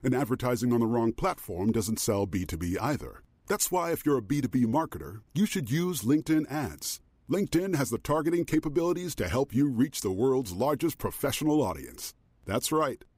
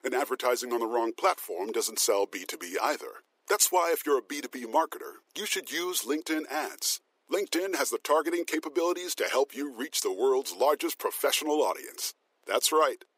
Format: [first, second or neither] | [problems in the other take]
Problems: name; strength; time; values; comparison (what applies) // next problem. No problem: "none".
first | thin; very; fading below 400 Hz